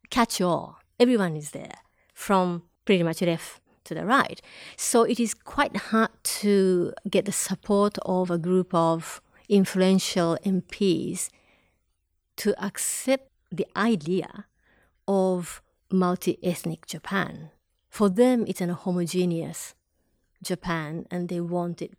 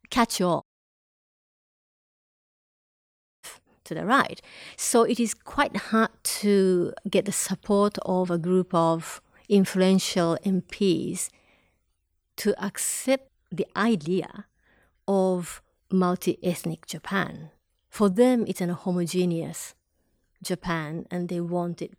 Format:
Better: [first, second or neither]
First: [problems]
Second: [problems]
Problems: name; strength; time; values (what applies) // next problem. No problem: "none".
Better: first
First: none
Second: audio cutting out; at 0.5 s for 3 s